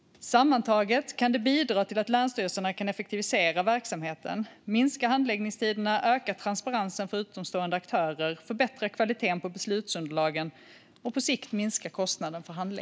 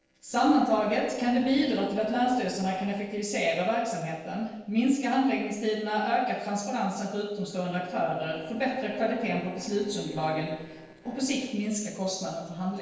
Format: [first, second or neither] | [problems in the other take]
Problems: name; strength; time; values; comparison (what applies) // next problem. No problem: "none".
first | noise reduction (neural separator model SepFormer DNS4)